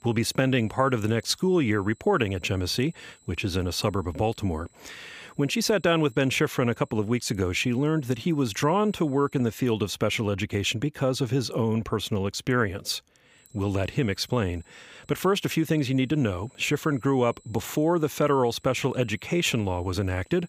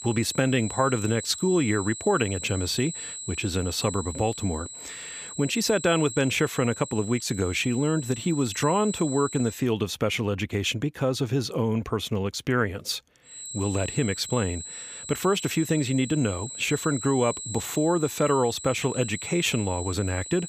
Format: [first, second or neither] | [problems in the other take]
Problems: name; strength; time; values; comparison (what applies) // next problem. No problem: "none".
first | high-pitched whine; loud; until 9.5 s and from 13 s on; 7.5 kHz, 9 dB below the speech; faint in the first